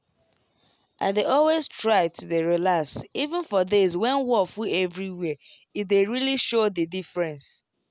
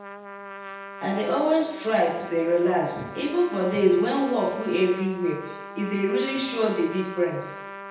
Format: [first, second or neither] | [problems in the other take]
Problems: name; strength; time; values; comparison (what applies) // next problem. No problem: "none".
first | background sound (Trumpet); 14 dB below the speech // room echo; dies away in 0.8 s